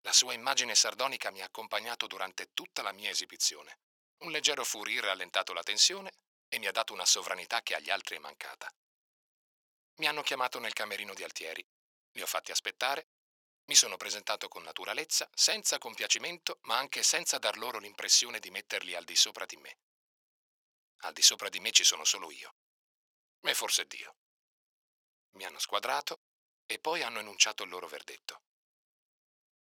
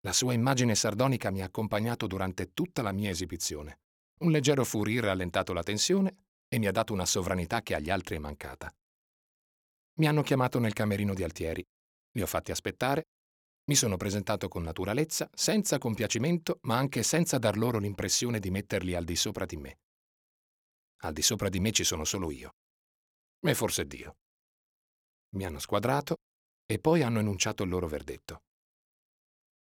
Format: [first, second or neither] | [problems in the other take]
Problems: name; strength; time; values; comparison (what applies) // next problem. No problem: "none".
second | thin; very; fading below 850 Hz